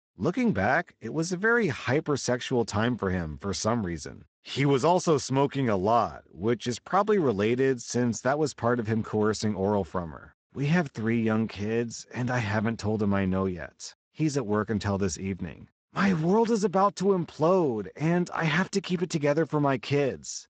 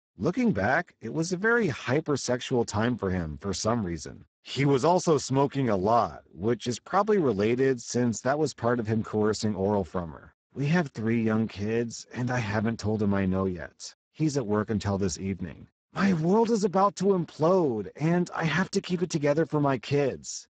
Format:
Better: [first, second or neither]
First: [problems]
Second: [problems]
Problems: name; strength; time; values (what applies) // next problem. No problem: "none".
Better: first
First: garbled, watery; slightly; nothing above 8 kHz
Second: garbled, watery; badly; nothing above 8 kHz